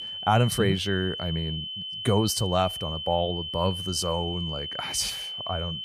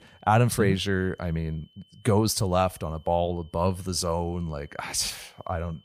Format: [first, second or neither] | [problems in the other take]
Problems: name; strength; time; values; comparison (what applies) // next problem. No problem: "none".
second | high-pitched whine; loud; throughout; 3 kHz, 5 dB below the speech; faint in the second